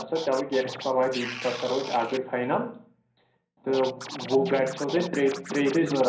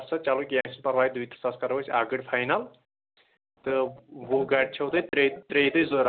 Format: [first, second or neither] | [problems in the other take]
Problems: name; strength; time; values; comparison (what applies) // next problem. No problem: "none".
second | background sound (Scratching (performance technique)); 13 dB below the speech // room echo; dies away in 0.6 s